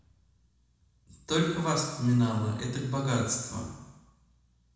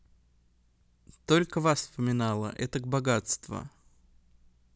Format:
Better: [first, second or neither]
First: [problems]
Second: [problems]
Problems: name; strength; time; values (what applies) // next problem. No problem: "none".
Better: second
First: room echo; dies away in 1.1 s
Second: none